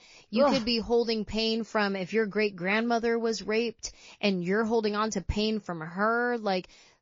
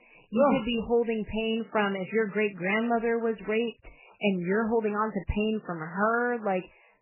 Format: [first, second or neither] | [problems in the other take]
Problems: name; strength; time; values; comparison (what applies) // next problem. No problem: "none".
first | garbled, watery; badly; nothing above 3 kHz; slightly in the first